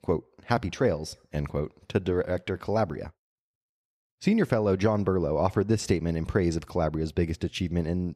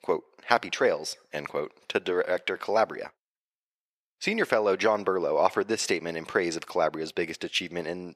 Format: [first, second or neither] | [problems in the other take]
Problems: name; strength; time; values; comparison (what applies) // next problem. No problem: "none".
first | thin; very; fading below 450 Hz